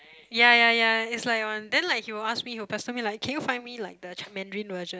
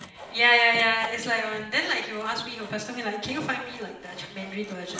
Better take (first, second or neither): first